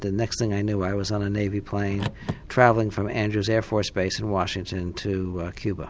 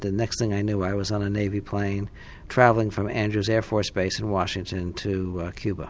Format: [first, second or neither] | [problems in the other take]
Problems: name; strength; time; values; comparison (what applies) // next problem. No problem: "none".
second | background sound (Car); 13 dB below the speech